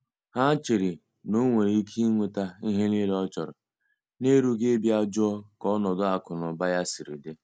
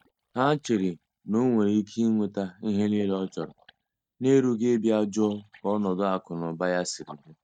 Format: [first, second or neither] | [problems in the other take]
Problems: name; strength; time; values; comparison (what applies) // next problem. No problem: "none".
first | noise reduction (neural mask model DeepFilterNet 3)